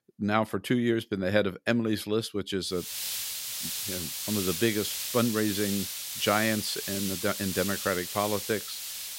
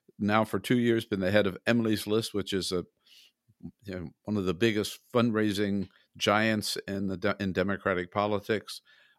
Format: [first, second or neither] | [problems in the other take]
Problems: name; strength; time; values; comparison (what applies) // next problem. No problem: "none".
second | hiss; loud; from 3 s on; 3 dB below the speech